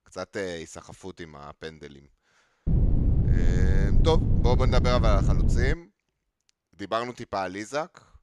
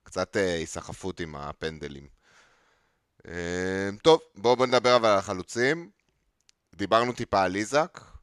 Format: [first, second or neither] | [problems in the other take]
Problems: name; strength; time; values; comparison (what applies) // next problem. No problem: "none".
second | wind noise on the microphone; heavy; from 2.5 to 5.5 s; 7 dB below the speech